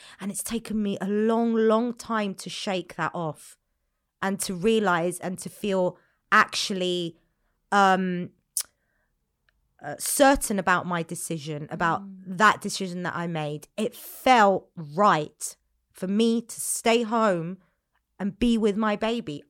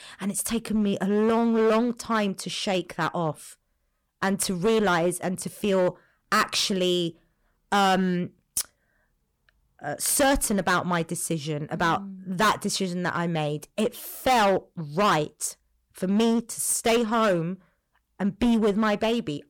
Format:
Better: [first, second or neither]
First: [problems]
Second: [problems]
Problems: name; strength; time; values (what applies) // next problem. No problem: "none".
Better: first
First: none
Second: distortion; heavy; 8% of the sound clipped